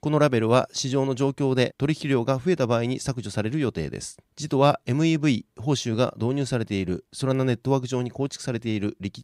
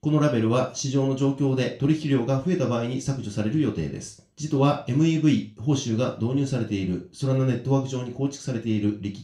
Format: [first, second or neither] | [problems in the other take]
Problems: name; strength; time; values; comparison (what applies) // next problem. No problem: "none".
first | room echo; slight; dies away in 0.3 s // off-mic speech; somewhat distant